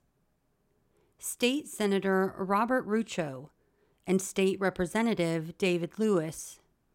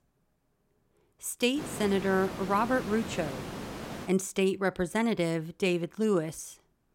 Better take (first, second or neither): first